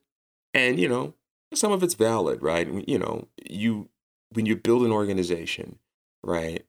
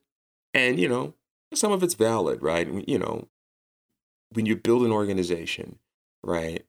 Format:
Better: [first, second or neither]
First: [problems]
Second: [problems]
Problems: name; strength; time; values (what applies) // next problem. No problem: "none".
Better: first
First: none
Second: audio cutting out; at 3.5 s for 0.5 s